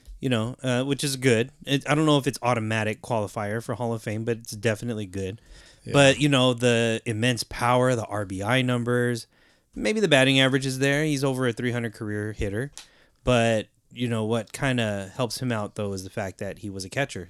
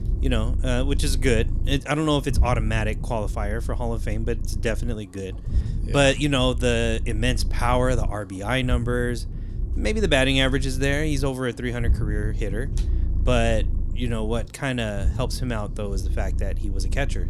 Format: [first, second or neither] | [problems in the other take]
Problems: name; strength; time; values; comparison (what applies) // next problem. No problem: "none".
first | low rumble; noticeable; throughout; 20 dB below the speech